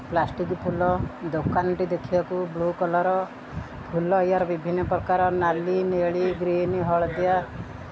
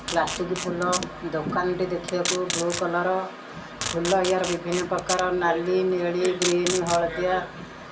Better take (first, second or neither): first